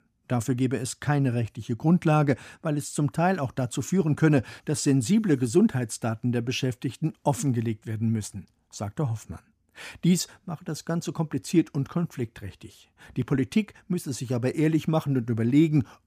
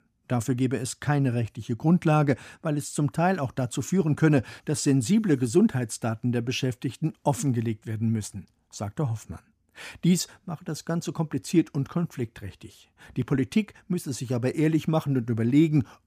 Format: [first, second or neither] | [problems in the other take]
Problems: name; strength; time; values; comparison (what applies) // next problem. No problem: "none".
neither | none